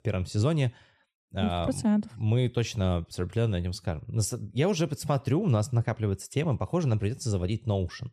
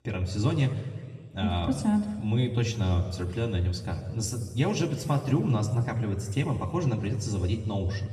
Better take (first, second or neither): first